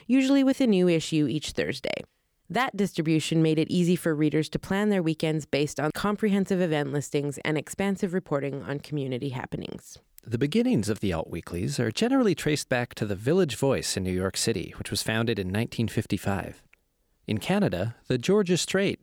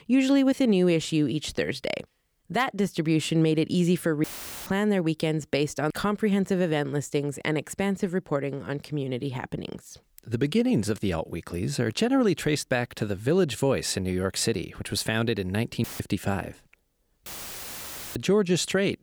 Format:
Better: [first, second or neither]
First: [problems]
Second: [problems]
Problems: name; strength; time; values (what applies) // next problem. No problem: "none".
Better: first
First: none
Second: audio cutting out; filled with static; at 4 s, at 16 s and at 17 s for 1 s